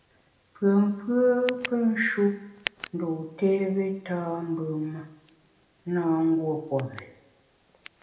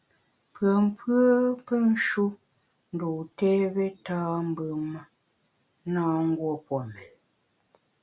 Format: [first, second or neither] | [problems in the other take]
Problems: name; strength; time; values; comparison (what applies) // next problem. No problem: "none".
second | background sound (Tick); 18 dB below the speech // room echo; dies away in 0.8 s